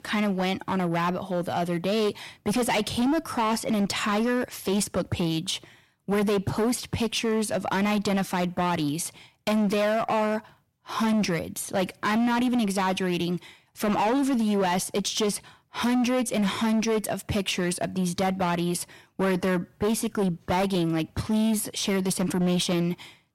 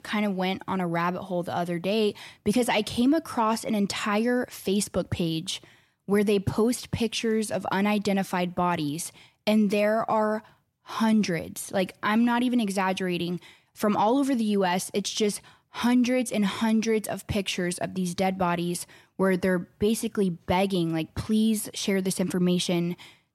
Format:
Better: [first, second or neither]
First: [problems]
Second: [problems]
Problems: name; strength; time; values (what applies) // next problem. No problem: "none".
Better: second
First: distortion; slight; 17% of the sound clipped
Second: none